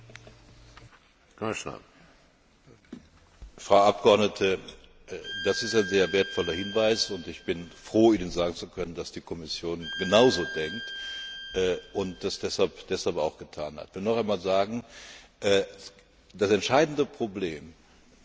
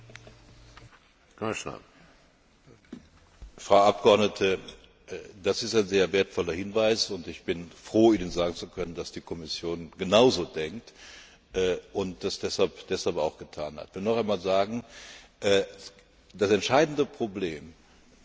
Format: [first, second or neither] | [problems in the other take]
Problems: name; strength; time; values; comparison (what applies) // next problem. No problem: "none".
second | background sound (Bowed string instrument); 12 dB below the speech